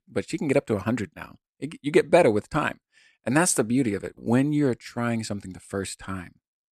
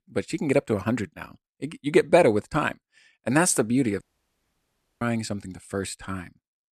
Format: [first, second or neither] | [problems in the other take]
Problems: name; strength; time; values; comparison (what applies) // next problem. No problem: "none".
first | audio cutting out; at 4 s for 1 s